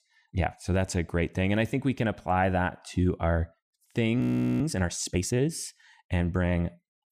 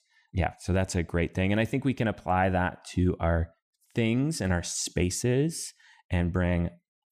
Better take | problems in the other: second | audio freezing; at 4 s

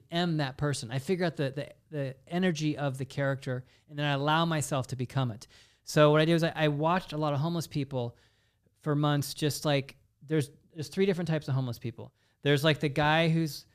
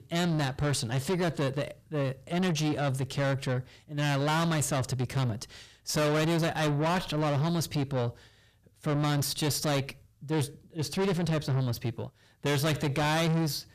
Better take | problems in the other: first | distortion; heavy; 6 dB below the speech

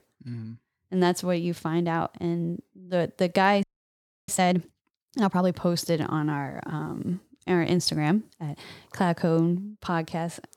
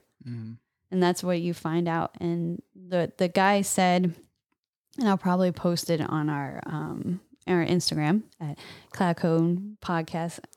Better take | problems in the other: second | audio freezing; at 3.5 s for 0.5 s

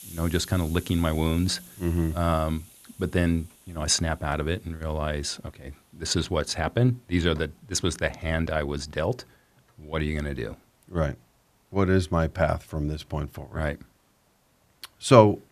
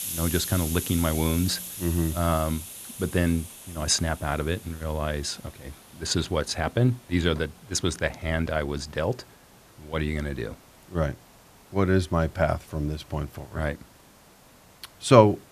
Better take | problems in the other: first | hiss; loud; throughout; 10 dB below the speech; faint in the first

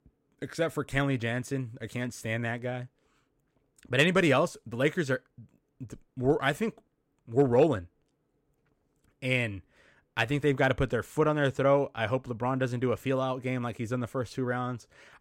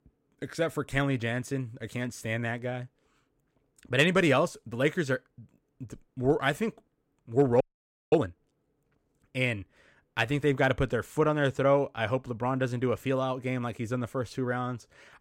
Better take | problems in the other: first | audio freezing; at 7.5 s for 0.5 s

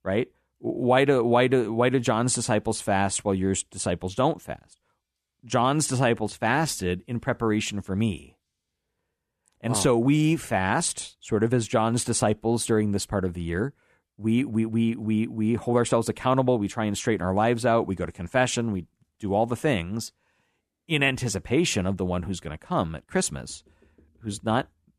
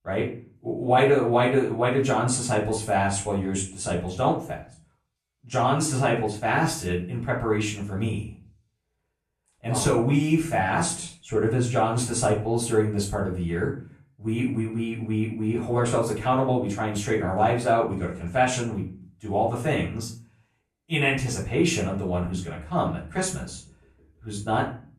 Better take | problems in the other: first | off-mic speech; far // room echo; slight; dies away in 0.4 s

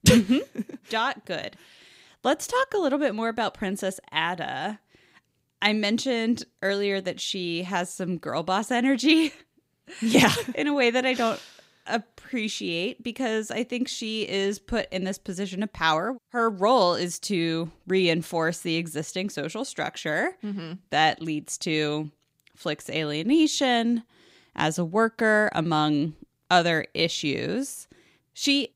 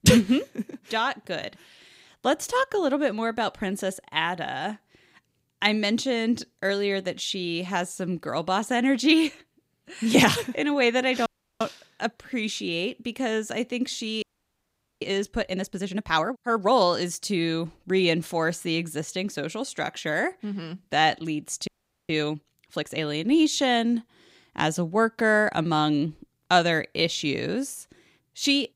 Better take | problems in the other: first | audio freezing; at 11 s, at 14 s for 1 s and at 22 s

